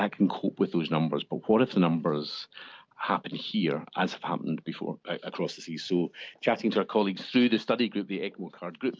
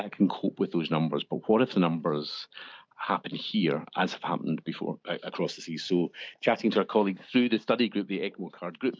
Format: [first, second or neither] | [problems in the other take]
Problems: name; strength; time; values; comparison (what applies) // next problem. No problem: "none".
first | noise reduction (neural mask model DeepFilterNet 3)